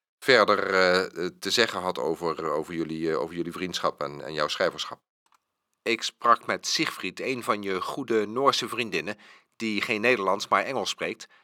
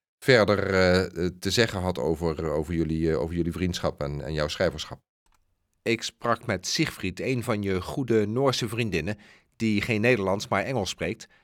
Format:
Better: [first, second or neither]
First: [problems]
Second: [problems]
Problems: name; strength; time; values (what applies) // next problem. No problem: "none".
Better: second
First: thin; somewhat; fading below 250 Hz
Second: none